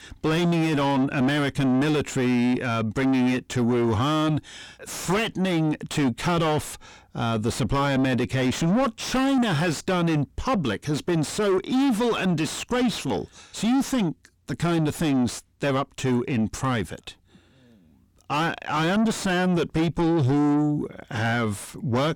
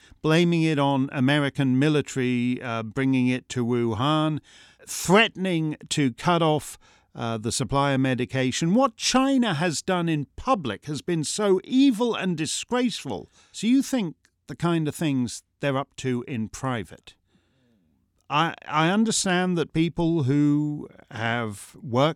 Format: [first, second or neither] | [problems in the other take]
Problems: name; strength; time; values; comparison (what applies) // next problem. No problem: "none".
second | distortion; heavy; 5 dB below the speech